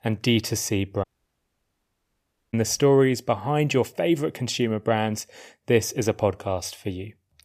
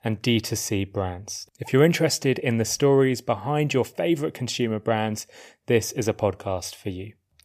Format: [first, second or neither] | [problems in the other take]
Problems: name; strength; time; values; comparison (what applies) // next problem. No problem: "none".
second | audio cutting out; at 1 s for 1.5 s